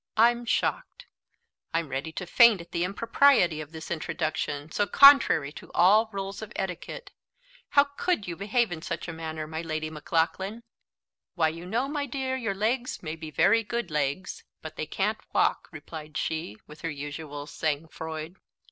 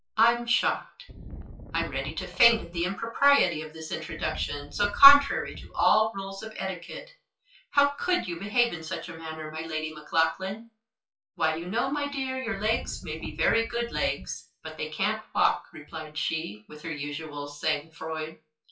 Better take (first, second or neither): first